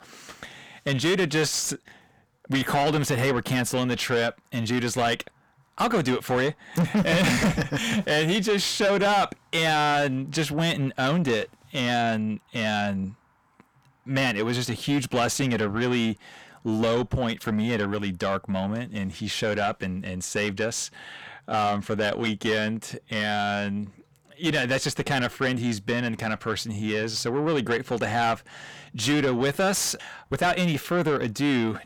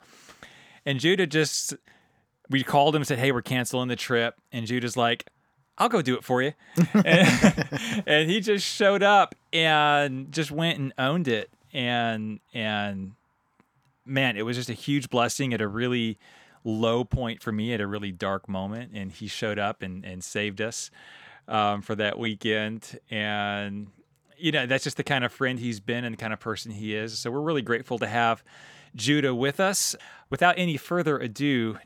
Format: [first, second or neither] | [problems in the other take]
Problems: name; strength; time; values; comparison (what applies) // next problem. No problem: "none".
second | distortion; heavy; 6 dB below the speech